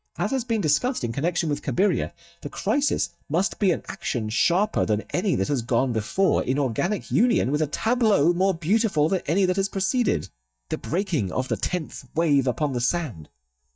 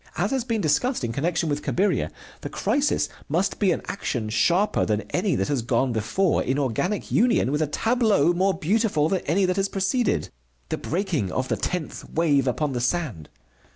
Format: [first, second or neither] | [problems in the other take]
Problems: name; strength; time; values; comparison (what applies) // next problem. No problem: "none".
second | noise reduction (neural mask model DeepFilterNet 3)